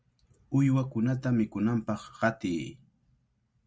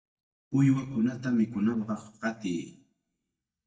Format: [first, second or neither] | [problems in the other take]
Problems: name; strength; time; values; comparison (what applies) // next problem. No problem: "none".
first | noise reduction (neural mask model DeepFilterNet 3)